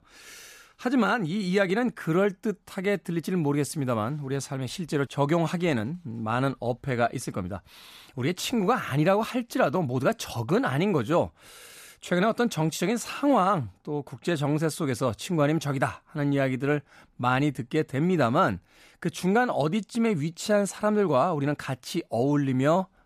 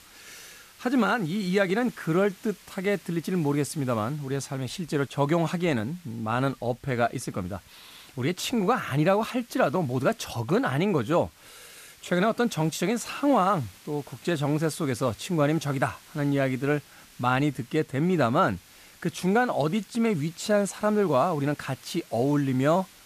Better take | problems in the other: first | hiss; faint; throughout; 25 dB below the speech

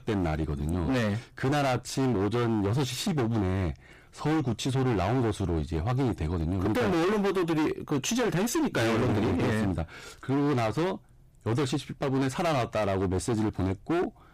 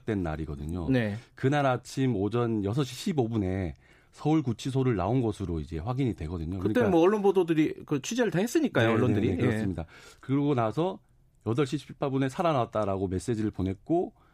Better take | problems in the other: second | distortion; heavy; 30% of the sound clipped

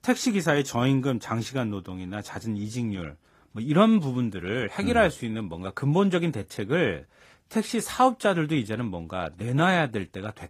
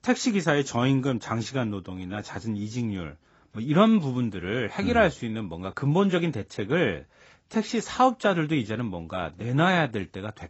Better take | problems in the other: first | garbled, watery; badly; nothing above 7.5 kHz; slightly in the first

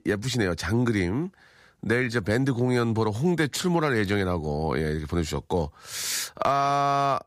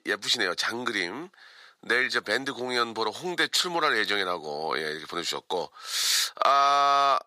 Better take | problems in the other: first | thin; very; fading below 500 Hz

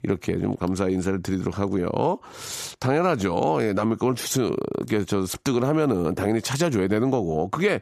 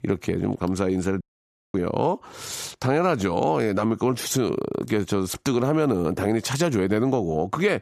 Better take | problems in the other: first | audio cutting out; at 1 s for 0.5 s

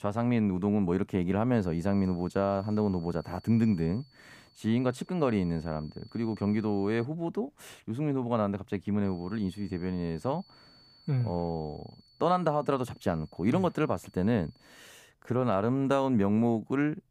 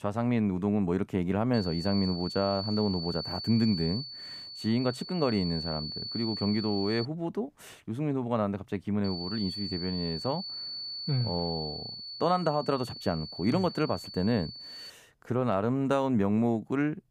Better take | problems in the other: first | high-pitched whine; loud; from 1.5 to 7 s and from 9 to 15 s; 4.5 kHz, 7 dB below the speech; faint in the first

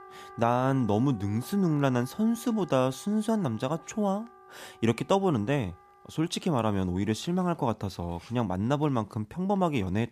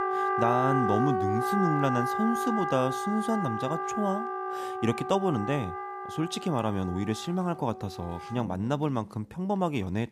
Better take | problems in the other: first | background music; loud; throughout; 1 dB below the speech; faint in the first

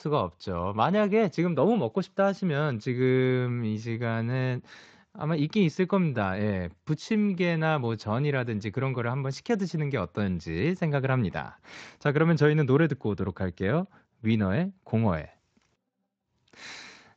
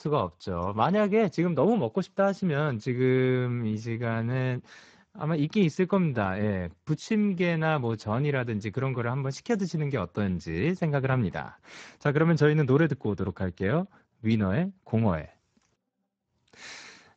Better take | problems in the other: first | garbled, watery; badly; nothing above 7.5 kHz; slightly in the first

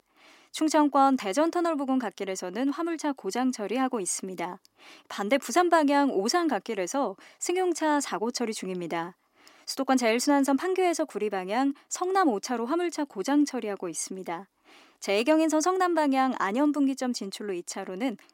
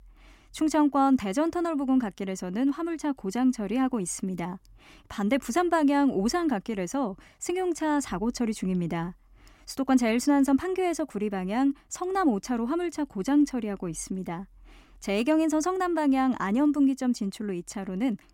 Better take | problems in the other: second | thin; very slightly; fading below 400 Hz

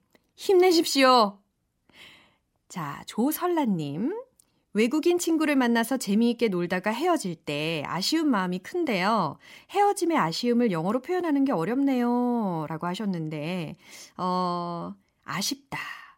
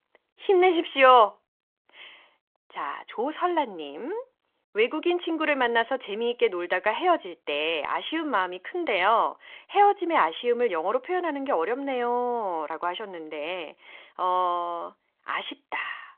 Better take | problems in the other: first | phone-call audio

